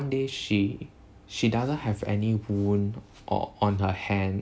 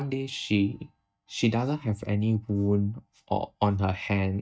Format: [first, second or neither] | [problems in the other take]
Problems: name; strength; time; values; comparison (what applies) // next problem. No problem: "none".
first | noise reduction (neural mask model DeepFilterNet 3)